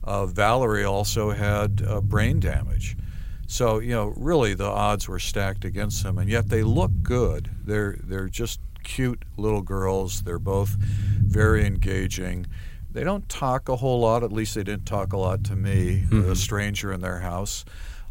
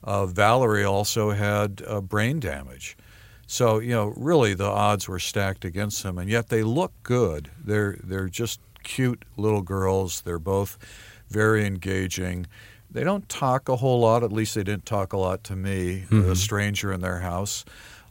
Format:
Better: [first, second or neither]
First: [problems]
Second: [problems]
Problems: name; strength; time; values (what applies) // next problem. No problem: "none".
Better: second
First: low rumble; noticeable; throughout; 15 dB below the speech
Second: none